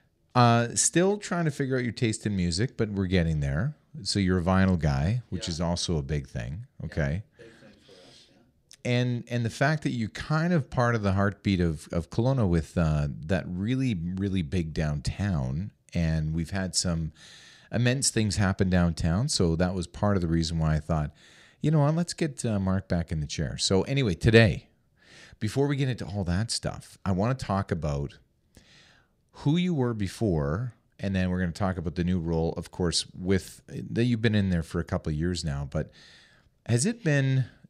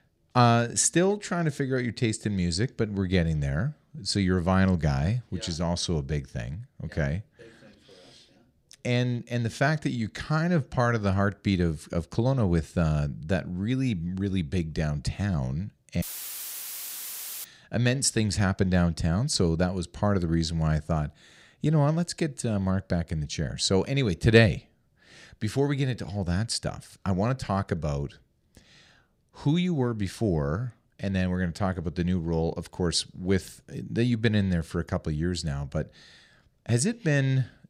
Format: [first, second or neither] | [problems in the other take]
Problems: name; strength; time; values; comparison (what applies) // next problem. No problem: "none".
first | audio cutting out; filled with static; at 16 s for 1.5 s